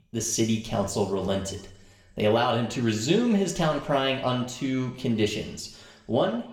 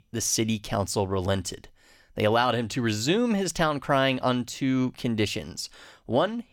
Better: second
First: room echo; slight; dies away in 0.7 s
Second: none

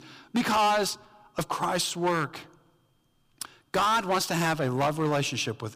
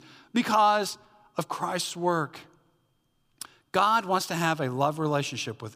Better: second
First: distortion; heavy; 8% of the sound clipped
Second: none

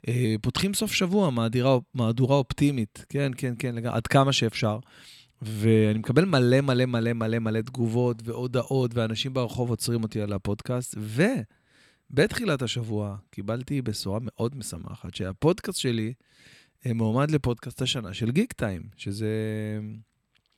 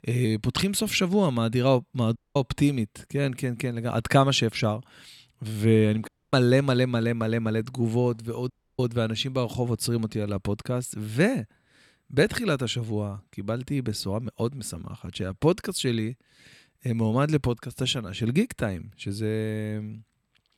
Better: first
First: none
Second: audio cutting out; at 2 s, at 6 s and at 8.5 s

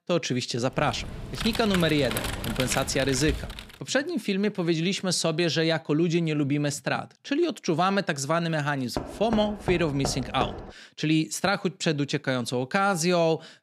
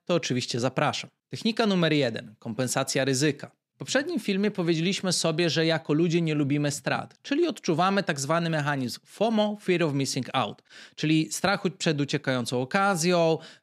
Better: second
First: keyboard typing; noticeable; from 1 to 3.5 s; peak 4 dB below the speech // door banging; noticeable; from 9 to 11 s; peak 7 dB below the speech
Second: none

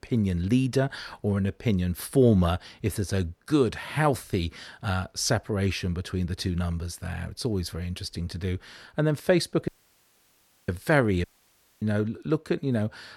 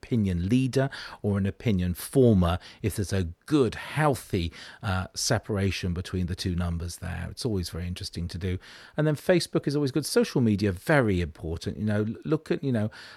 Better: second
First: audio cutting out; at 9.5 s for 1 s and at 11 s for 0.5 s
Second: none

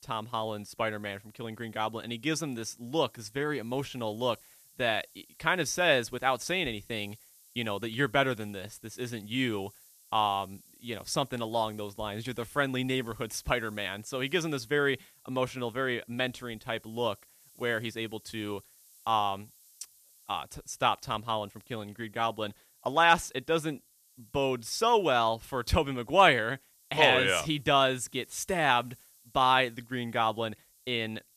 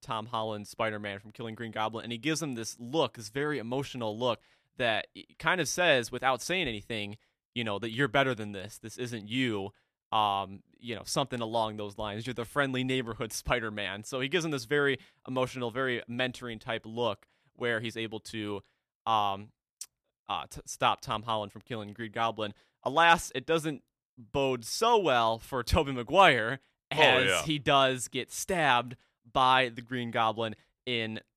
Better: second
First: hiss; faint; throughout; 25 dB below the speech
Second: none

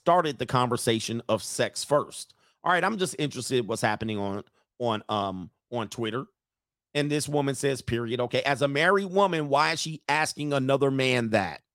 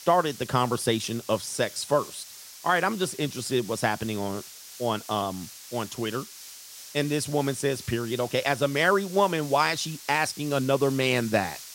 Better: first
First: none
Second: hiss; noticeable; throughout; 15 dB below the speech

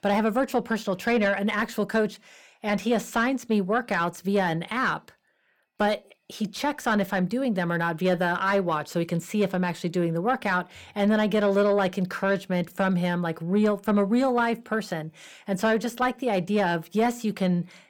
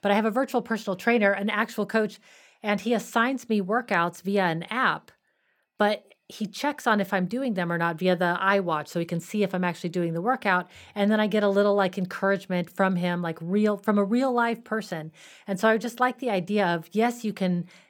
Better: second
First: distortion; slight; 10 dB below the speech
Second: none

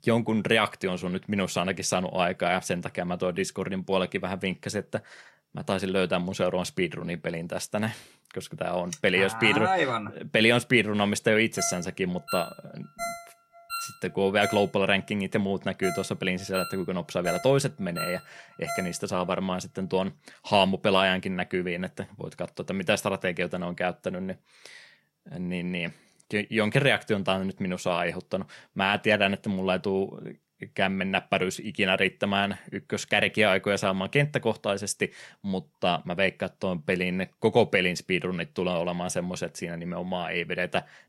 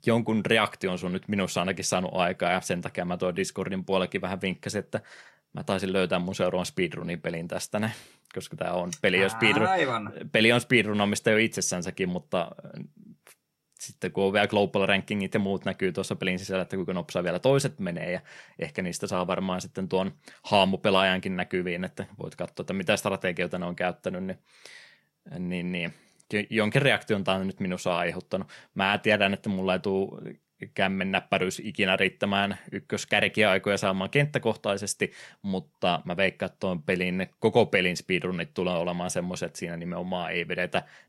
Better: second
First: phone ringing; noticeable; from 12 to 19 s; peak 8 dB below the speech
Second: none

